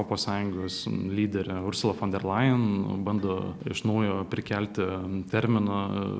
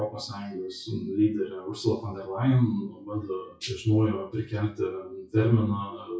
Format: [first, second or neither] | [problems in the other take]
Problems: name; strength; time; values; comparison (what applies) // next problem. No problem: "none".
first | noise reduction (classical method WPE with log-MMSE)